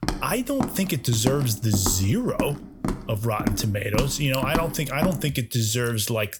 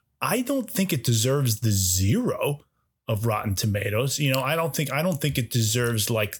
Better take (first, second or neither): second